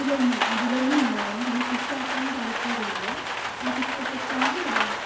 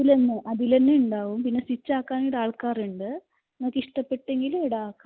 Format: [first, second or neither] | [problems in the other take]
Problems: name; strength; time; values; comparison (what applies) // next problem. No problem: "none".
second | background sound (Rain); 1 dB above the speech // room echo; dies away in 2.4 s